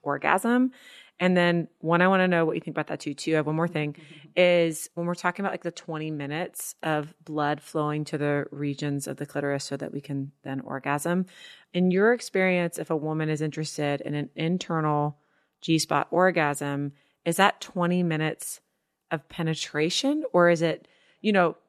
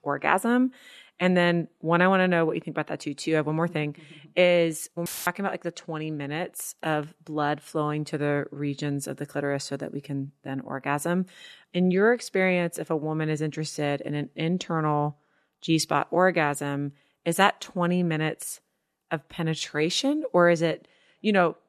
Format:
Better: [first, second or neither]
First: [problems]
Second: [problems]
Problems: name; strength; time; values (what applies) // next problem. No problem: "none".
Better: first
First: none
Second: audio cutting out; filled with static; at 5 s